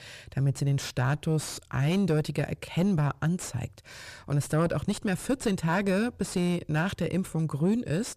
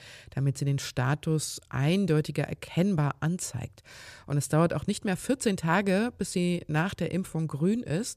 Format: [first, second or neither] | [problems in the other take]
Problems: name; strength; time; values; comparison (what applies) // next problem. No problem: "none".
second | distortion; slight; 10 dB below the speech